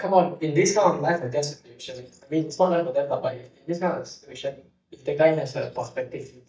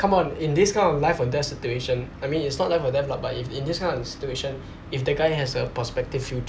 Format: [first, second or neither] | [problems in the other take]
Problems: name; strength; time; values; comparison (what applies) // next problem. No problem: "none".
second | noise reduction (neural mask model DeepFilterNet 3)